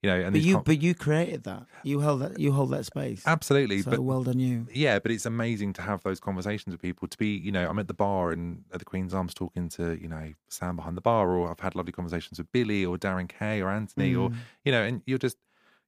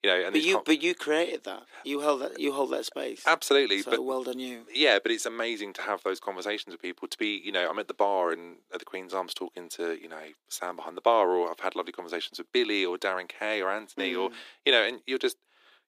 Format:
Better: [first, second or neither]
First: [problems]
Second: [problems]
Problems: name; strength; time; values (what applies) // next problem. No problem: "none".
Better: first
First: none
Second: thin; very; fading below 300 Hz